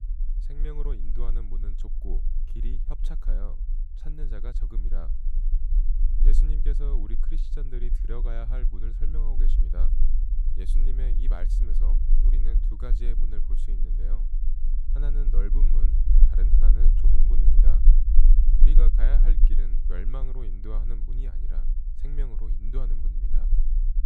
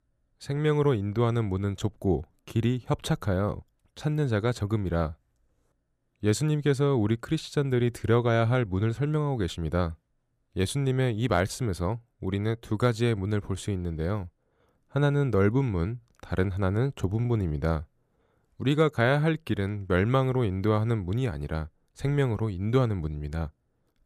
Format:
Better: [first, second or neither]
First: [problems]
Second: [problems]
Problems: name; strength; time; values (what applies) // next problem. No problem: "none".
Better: second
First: low rumble; loud; throughout; 5 dB below the speech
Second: none